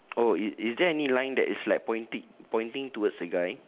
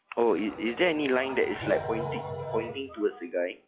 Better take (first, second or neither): first